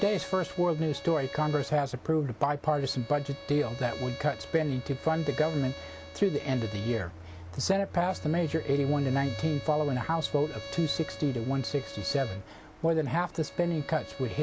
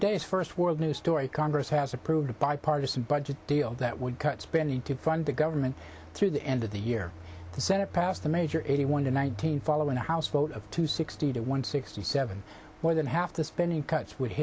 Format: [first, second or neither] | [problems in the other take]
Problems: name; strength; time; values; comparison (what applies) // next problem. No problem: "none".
second | background sound (Bowed string instrument); 15 dB below the speech